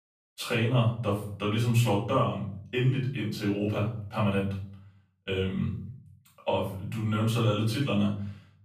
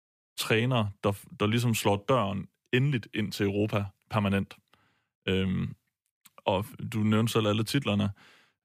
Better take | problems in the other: second | off-mic speech; far // room echo; slight; dies away in 0.6 s

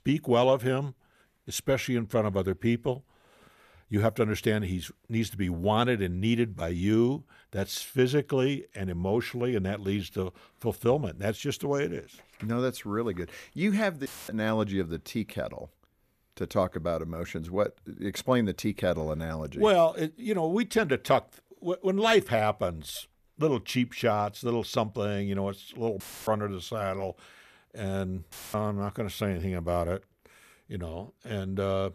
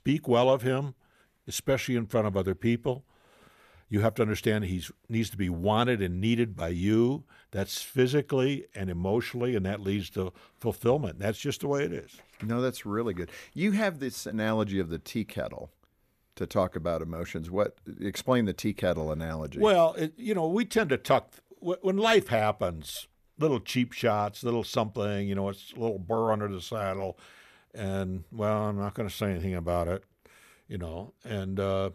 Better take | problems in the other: second | audio cutting out; filled with static; at 14 s, at 26 s and at 28 s

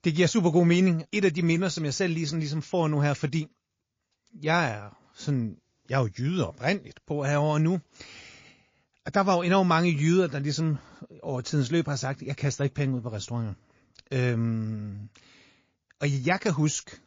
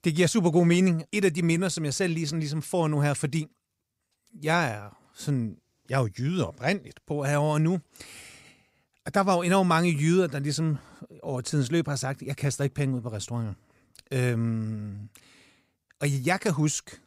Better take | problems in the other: second | garbled, watery; slightly

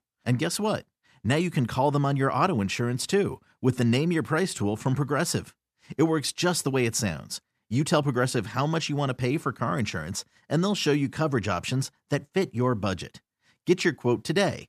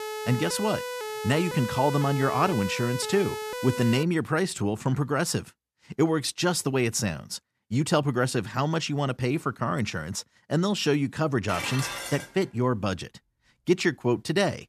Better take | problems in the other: first | siren; noticeable; until 4 s; peak 7 dB below the speech // clattering dishes; noticeable; at 11 s; peak 5 dB below the speech

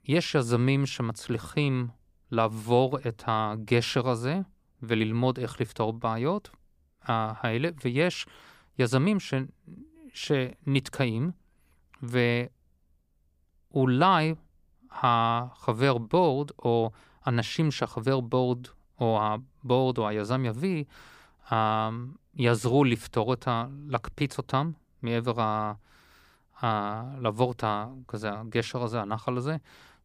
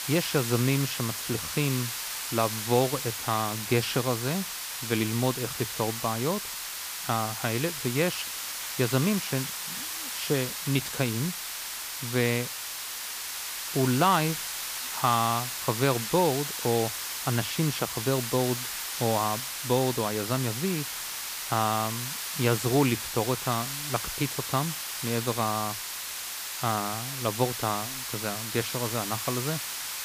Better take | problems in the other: first | hiss; loud; throughout; 3 dB below the speech

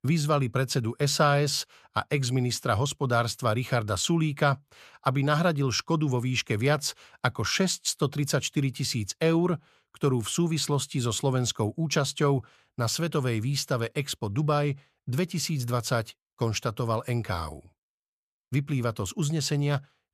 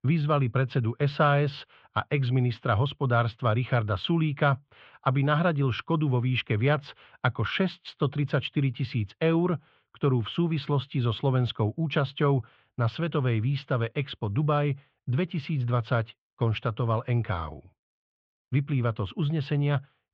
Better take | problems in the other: first | muffled; very; fading above 3.5 kHz

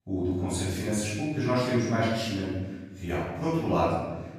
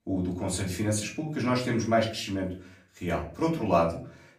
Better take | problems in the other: second | room echo; strong; dies away in 1.3 s; slight in the second // off-mic speech; far; far in the second

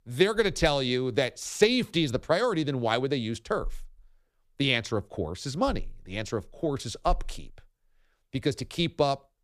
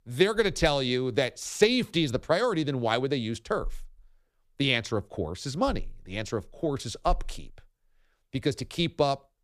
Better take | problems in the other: neither | none

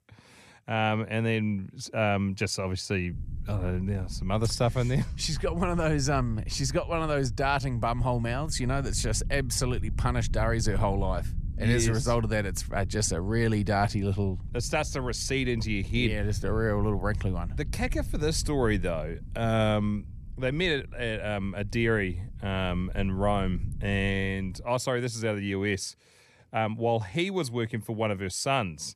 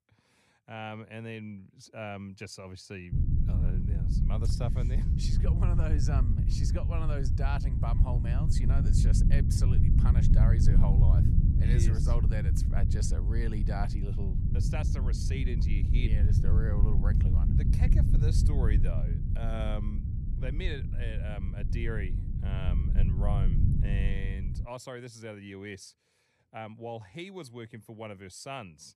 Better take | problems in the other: first | low rumble; loud; from 3 to 25 s; 1 dB below the speech; faint in the first

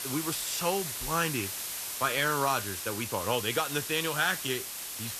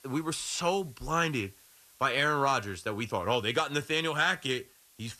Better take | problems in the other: second | hiss; loud; throughout; 4 dB below the speech; faint in the second

